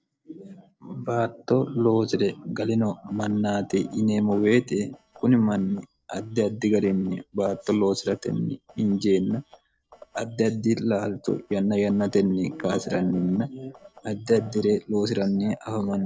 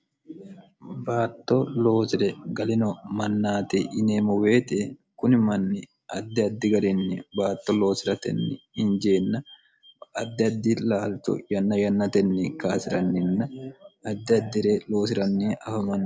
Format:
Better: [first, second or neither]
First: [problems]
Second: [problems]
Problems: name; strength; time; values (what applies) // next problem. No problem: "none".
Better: second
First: noise reduction (neural separator model SepFormer DNS4)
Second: none